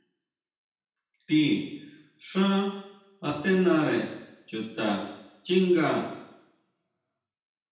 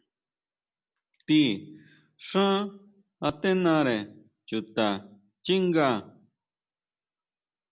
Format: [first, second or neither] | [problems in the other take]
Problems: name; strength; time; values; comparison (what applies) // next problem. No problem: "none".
second | room echo; dies away in 0.9 s